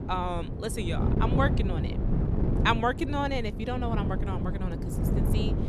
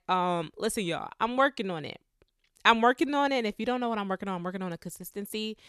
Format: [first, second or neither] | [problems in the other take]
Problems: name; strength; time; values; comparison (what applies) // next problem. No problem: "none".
second | wind noise on the microphone; heavy; 7 dB below the speech